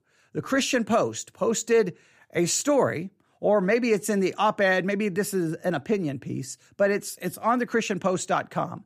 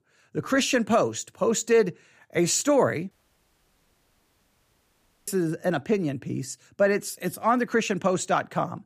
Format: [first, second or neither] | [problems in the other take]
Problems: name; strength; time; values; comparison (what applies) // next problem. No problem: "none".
first | audio cutting out; at 3 s for 2 s